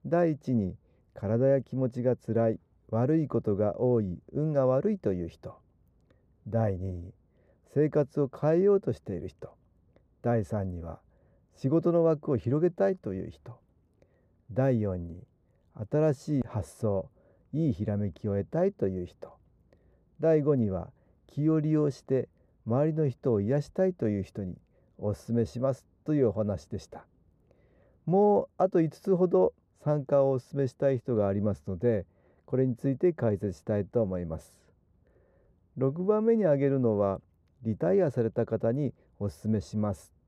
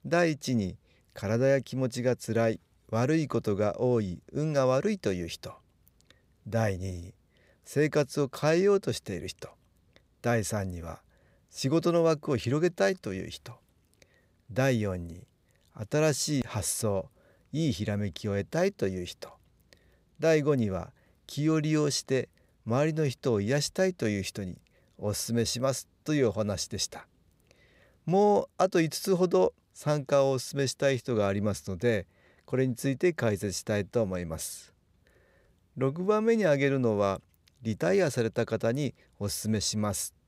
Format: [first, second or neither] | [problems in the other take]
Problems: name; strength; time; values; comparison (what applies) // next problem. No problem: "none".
second | muffled; very; fading above 1.5 kHz